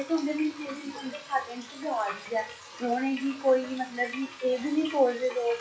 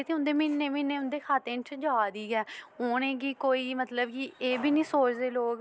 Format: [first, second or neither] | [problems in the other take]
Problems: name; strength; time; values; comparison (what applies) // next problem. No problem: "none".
second | noise reduction (classical method WPE with log-MMSE)